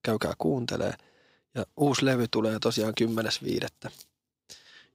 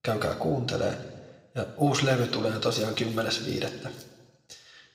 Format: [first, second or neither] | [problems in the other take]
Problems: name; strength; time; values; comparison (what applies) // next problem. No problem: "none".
first | room echo; slight; dies away in 1.2 s